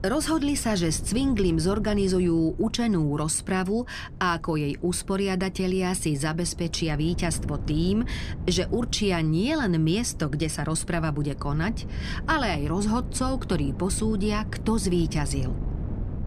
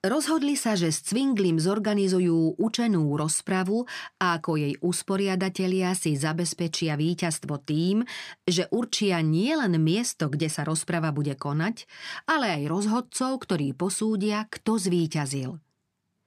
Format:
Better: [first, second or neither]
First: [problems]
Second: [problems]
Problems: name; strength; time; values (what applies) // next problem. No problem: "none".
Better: second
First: wind noise on the microphone; occasional gusts; 20 dB below the speech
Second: none